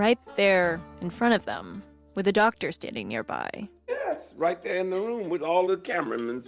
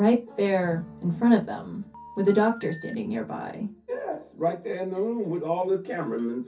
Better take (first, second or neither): first